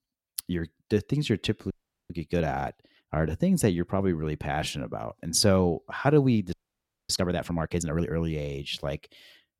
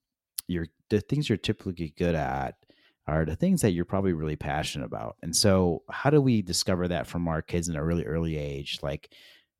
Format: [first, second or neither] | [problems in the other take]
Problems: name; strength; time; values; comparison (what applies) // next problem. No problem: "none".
second | audio freezing; at 1.5 s and at 6.5 s for 0.5 s